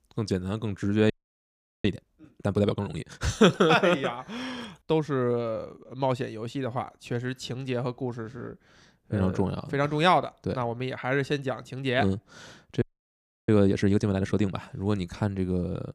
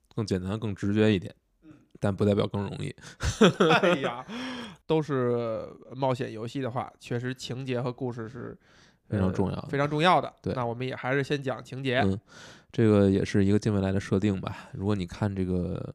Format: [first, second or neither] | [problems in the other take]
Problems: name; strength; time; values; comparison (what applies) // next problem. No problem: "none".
second | audio freezing; at 1 s for 0.5 s and at 13 s for 0.5 s